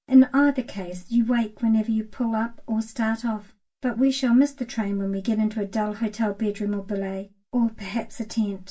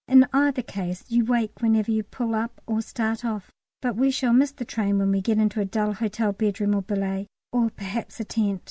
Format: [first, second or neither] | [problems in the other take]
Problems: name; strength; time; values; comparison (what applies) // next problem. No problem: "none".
second | room echo; dies away in 0.2 s